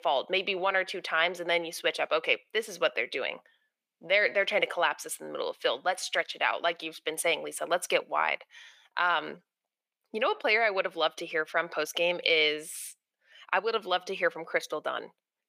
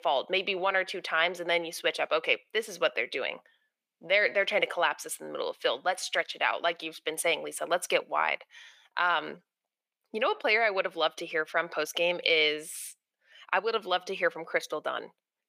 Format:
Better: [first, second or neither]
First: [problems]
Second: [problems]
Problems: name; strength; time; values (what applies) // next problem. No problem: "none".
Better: neither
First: thin; very; fading below 500 Hz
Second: thin; very; fading below 500 Hz